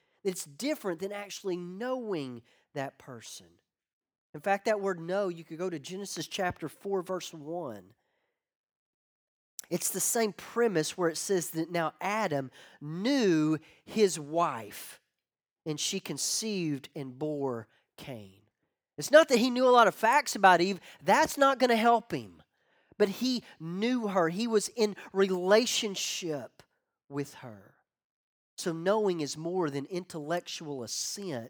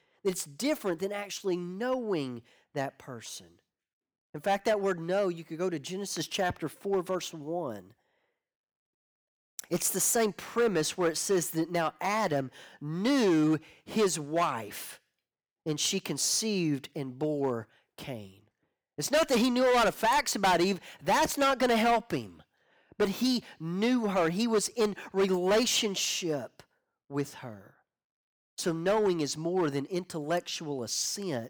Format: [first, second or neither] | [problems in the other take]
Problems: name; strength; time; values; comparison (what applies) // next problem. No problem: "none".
first | distortion; heavy; 5% of the sound clipped